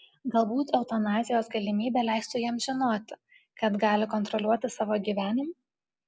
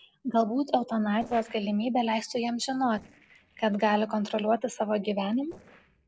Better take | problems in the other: first | noise reduction (neural separator model SepFormer DNS4)

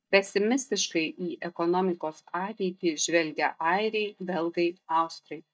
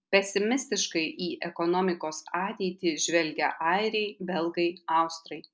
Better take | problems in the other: second | noise reduction (neural mask model DeepFilterNet 3)

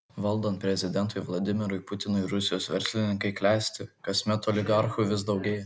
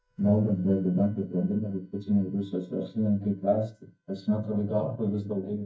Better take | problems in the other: first | noise reduction (neural mask model DeepFilterNet 3)

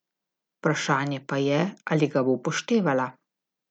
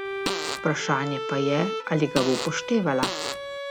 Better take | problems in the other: first | background sound (Fart + Bowed string instrument); 4 dB below the speech

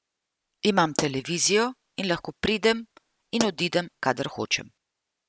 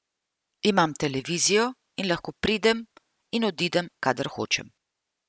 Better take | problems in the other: second | background sound (Explosion); 12 dB below the speech

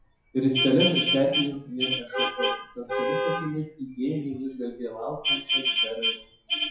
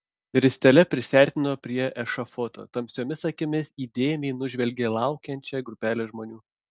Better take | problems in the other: second | noise reduction (classical method WPE with log-MMSE)

